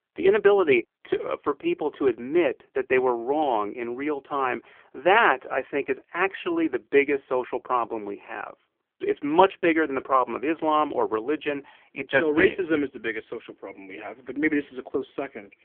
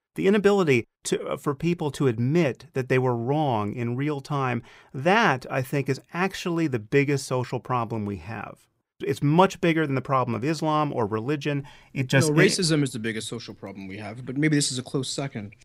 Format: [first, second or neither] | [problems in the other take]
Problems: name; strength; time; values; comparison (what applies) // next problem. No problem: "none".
second | phone-call audio; poor line; nothing above 3.5 kHz